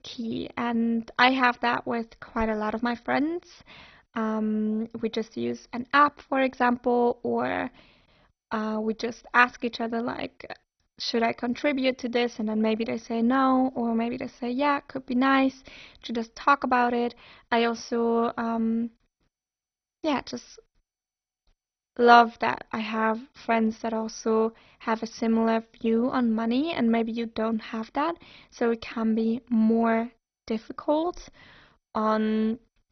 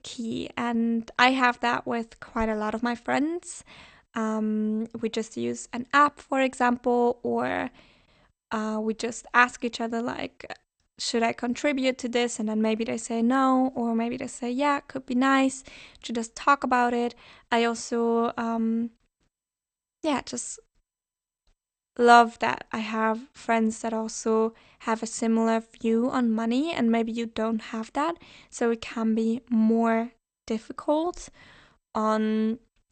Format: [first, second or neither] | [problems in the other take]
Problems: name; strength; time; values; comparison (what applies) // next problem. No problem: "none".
second | garbled, watery; badly; nothing above 6 kHz; slightly in the second